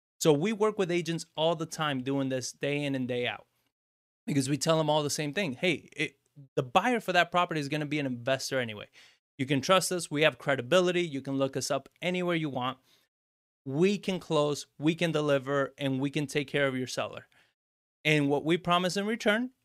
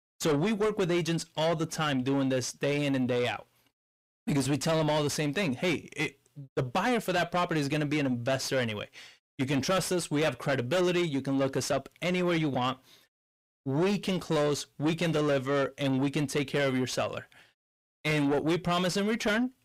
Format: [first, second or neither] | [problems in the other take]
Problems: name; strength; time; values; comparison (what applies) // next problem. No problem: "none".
first | distortion; heavy; 6 dB below the speech